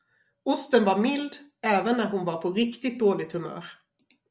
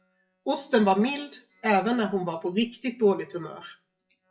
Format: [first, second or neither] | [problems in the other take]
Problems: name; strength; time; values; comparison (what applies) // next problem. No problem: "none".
first | noise reduction (classical method WPE with log-MMSE)